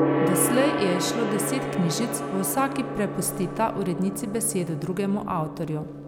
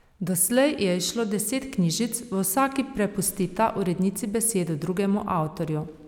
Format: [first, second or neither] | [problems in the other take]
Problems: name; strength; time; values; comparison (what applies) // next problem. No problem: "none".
second | background sound (Gong); 2 dB below the speech